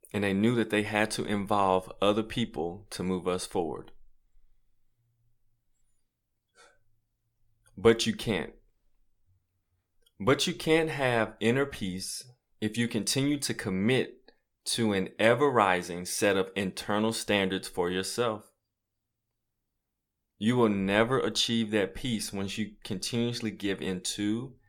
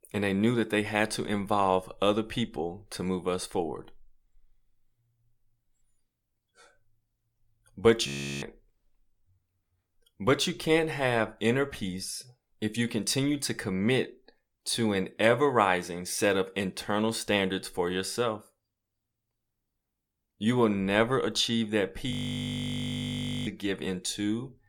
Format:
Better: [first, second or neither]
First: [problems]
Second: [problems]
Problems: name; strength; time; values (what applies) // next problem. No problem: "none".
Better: first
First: none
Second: audio freezing; at 8 s and at 22 s for 1.5 s